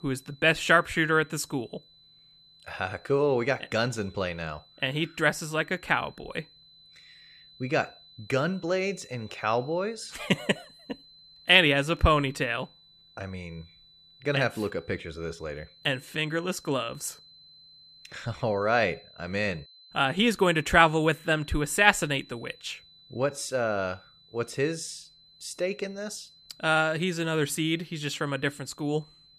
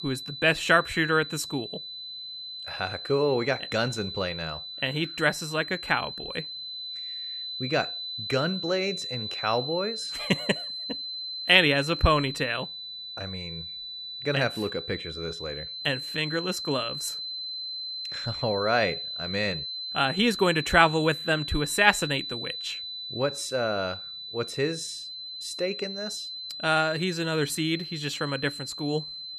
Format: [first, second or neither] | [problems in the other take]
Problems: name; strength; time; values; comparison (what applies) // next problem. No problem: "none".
first | high-pitched whine; loud; throughout; 4 kHz, 7 dB below the speech; faint in the first